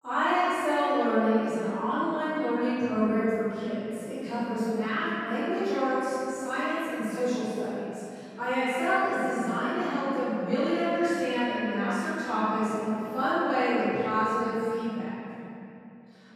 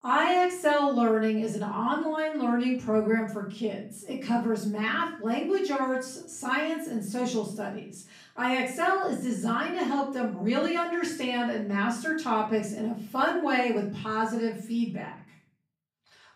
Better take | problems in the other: second | room echo; strong; dies away in 2.8 s; slight in the second // off-mic speech; far; far in the second

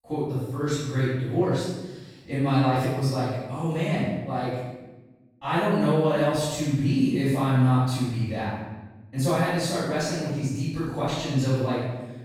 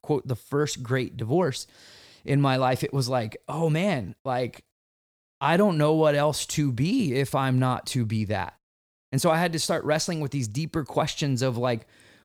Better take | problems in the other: second | room echo; strong; dies away in 1 s // off-mic speech; far

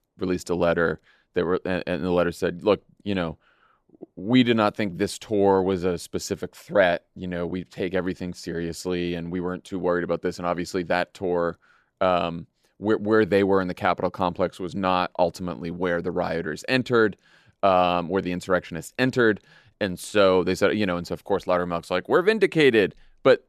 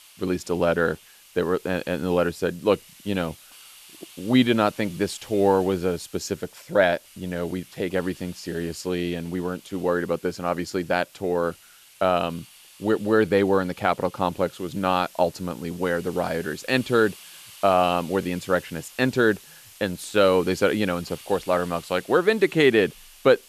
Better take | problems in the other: first | hiss; faint; throughout; 20 dB below the speech

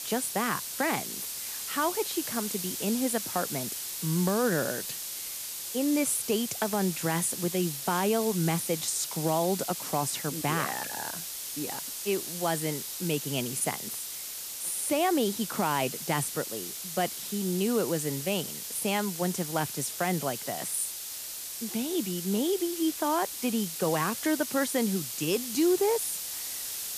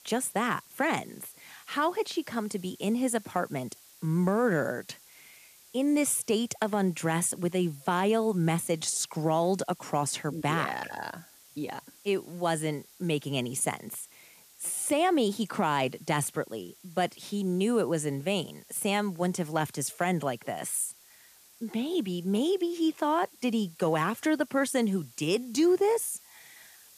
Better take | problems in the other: second | hiss; loud; throughout; 4 dB below the speech; faint in the second

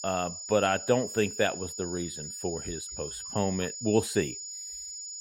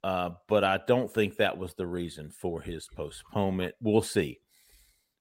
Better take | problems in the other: second | high-pitched whine; loud; throughout; 7 kHz, 7 dB below the speech

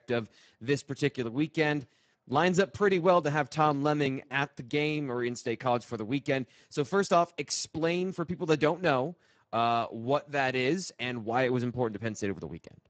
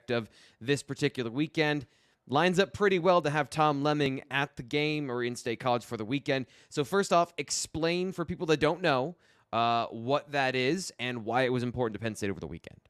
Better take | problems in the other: second | garbled, watery; badly; nothing above 7.5 kHz

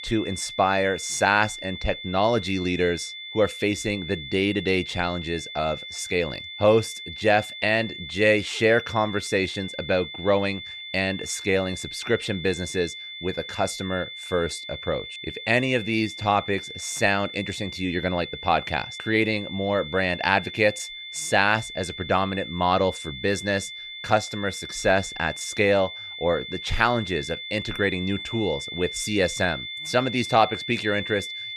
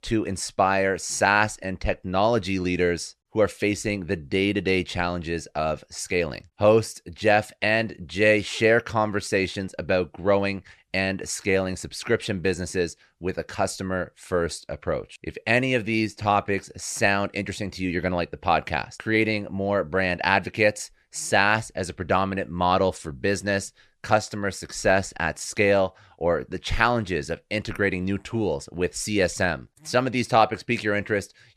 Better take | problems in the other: second | high-pitched whine; loud; throughout; 3.5 kHz, 10 dB below the speech

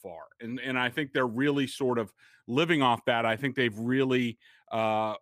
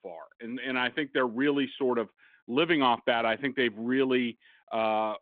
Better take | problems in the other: first | phone-call audio

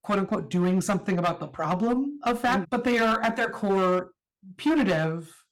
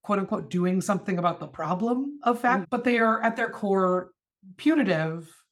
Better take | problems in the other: second | distortion; slight; 9% of the sound clipped

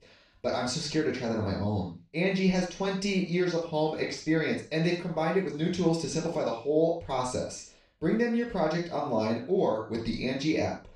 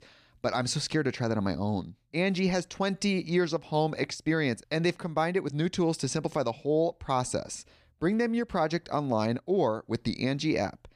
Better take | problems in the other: second | room echo; noticeable; dies away in 0.3 s // off-mic speech; far

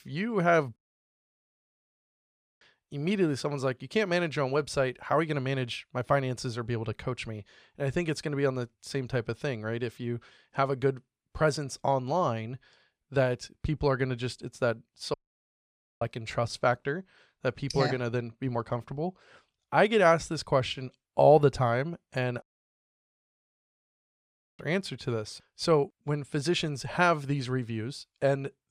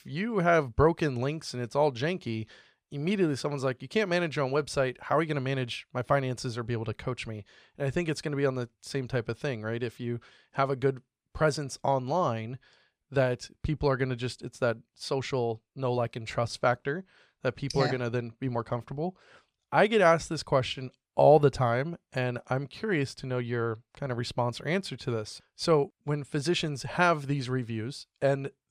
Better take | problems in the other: second | audio cutting out; at 1 s for 2 s, at 15 s for 1 s and at 22 s for 2 s

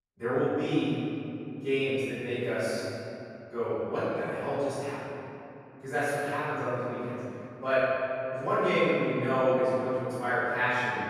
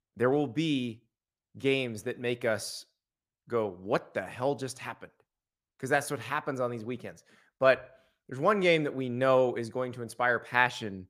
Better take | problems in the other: second | off-mic speech; far // room echo; strong; dies away in 2.8 s

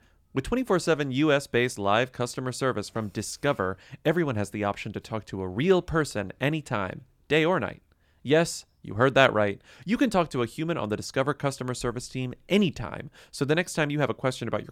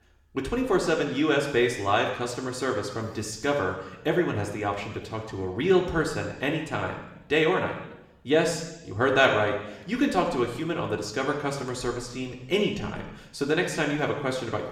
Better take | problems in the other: first | room echo; noticeable; dies away in 0.9 s // off-mic speech; somewhat distant

